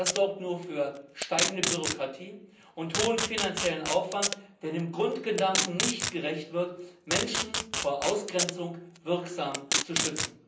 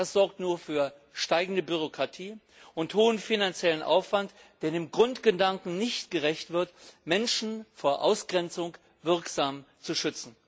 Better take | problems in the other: second | background sound (Packing tape, duct tape); 2 dB below the speech // room echo; dies away in 0.6 s

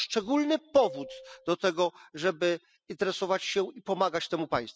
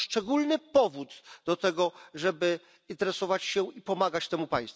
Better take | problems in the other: second | noise reduction (classical method spectral subtraction)

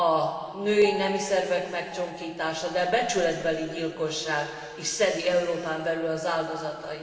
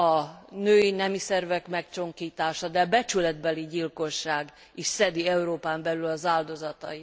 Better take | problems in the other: second | background sound (Piano); 17 dB below the speech // room echo; dies away in 2.5 s

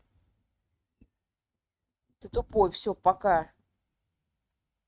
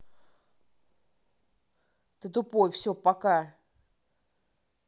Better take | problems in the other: second | noise reduction (neural mask model RNNoise)

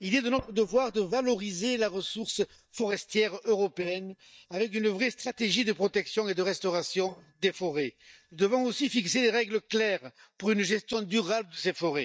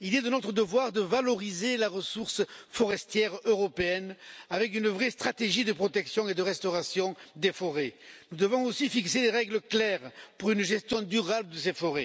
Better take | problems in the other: second | noise reduction (neural mask model DeepFilterNet 3)

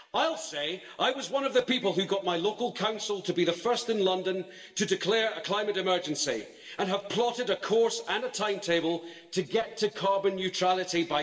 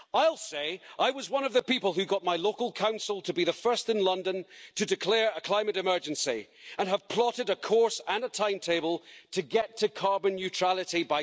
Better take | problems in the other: second | room echo; dies away in 1 s

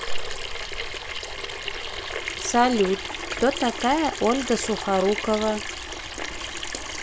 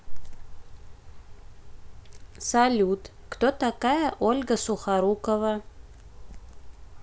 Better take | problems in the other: second | background sound (Sink (filling or washing) / Water tap, faucet); 7 dB below the speech

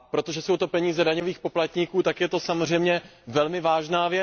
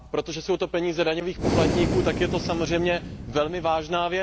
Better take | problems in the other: first | background sound (Breathing); 4 dB below the speech

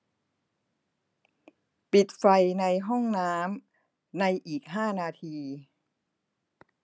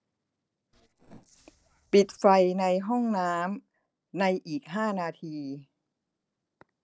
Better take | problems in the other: first | noise reduction (neural separator model SepFormer DNS4)

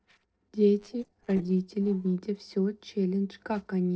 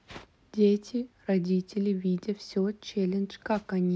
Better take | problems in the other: second | noise reduction (neural separator model SepFormer DNS4)

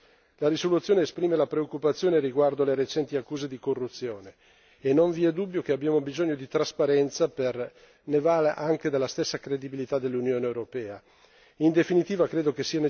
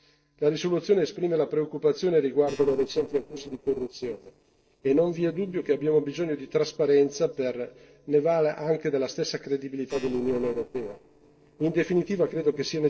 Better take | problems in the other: first | noise reduction (neural separator model SepFormer DNS4)

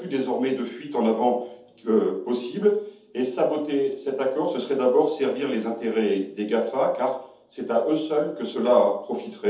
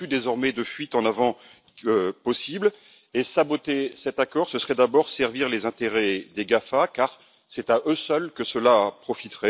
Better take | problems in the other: second | room echo; dies away in 0.6 s

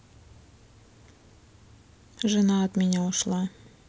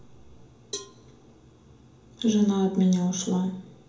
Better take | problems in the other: first | background sound (Cowbell); 18 dB below the speech // room echo; dies away in 0.7 s

